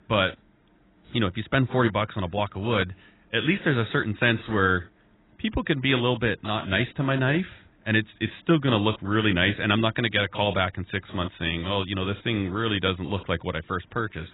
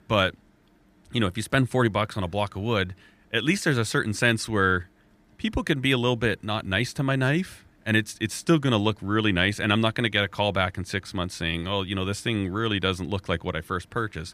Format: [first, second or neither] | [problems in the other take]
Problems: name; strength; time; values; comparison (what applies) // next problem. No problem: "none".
second | garbled, watery; badly; nothing above 3.5 kHz